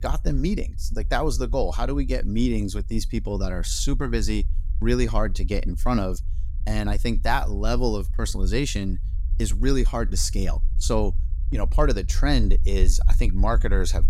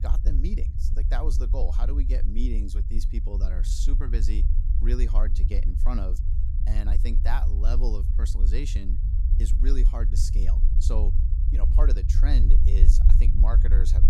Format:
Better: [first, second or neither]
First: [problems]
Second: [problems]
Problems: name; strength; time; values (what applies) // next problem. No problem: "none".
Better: first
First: low rumble; faint; throughout; 20 dB below the speech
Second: low rumble; loud; throughout; 6 dB below the speech